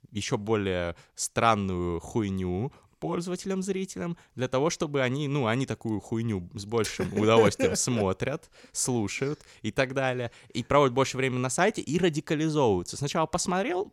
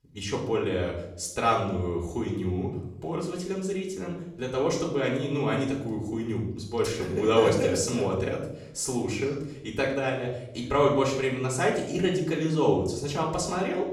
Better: first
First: none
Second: off-mic speech; far // room echo; noticeable; dies away in 0.7 s

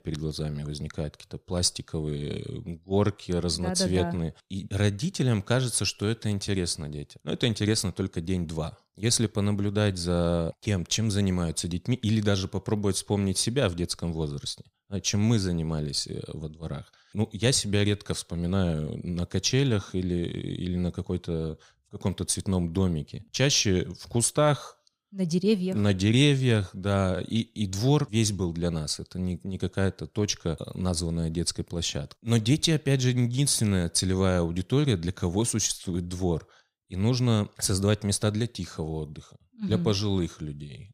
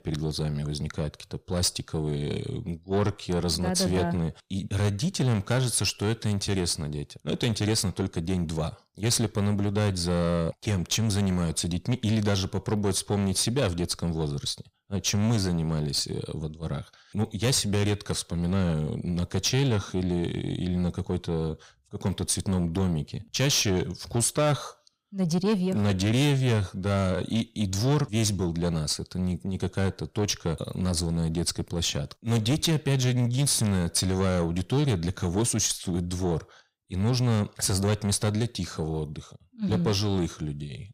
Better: first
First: none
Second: distortion; slight; 10 dB below the speech

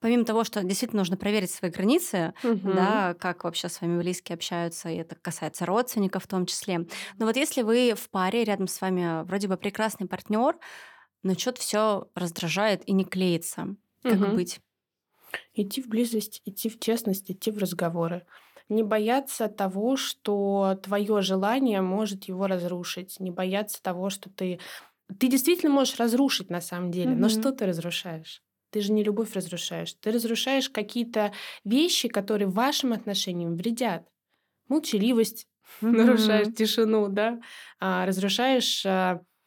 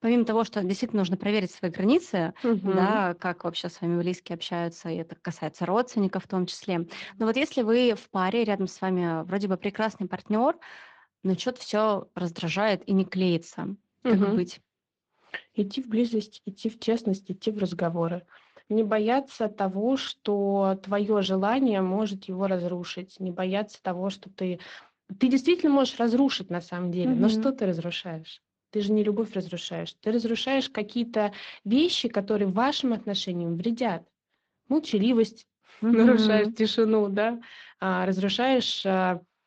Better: first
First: none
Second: garbled, watery; slightly

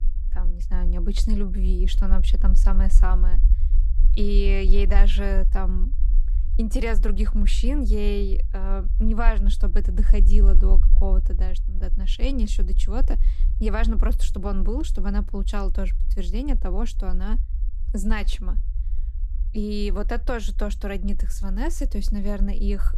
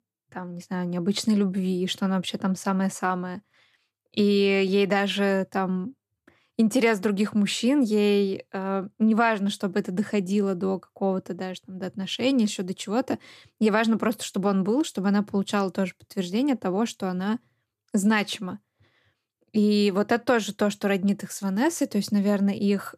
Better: second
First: low rumble; noticeable; throughout; 15 dB below the speech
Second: none

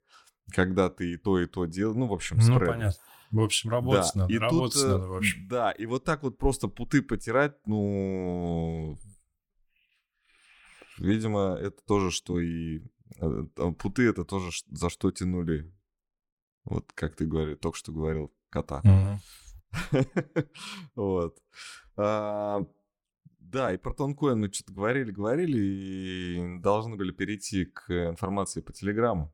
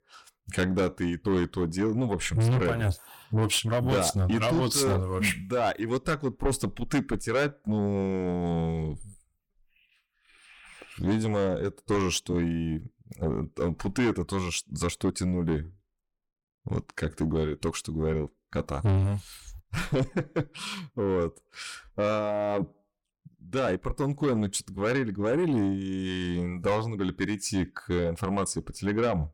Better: first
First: none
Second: distortion; heavy; 7 dB below the speech

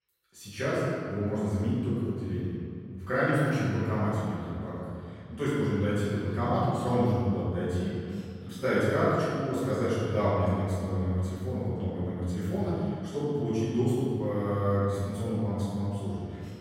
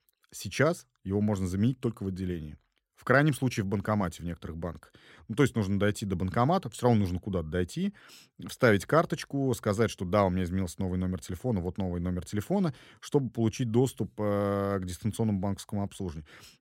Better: second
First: off-mic speech; far // room echo; strong; dies away in 2.4 s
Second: none

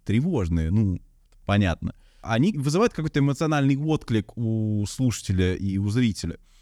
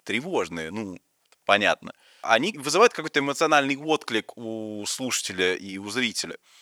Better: first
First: none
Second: thin; very; fading below 600 Hz

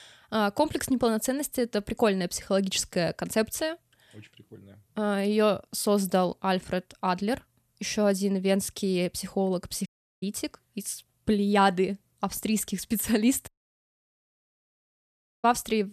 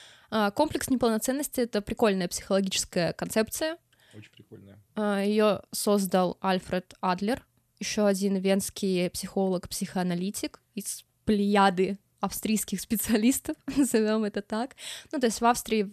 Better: second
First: audio cutting out; at 10 s and at 13 s for 2 s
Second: none

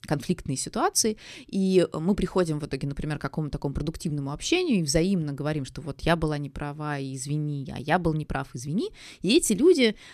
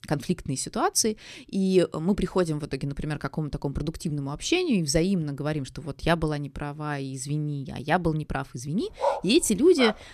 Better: first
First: none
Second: dog barking; noticeable; at 9 s; peak 2 dB below the speech

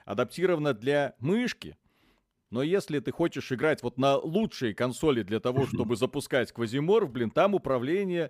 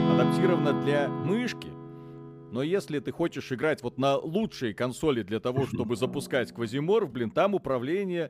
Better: first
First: none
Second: background music; loud; throughout; 2 dB below the speech

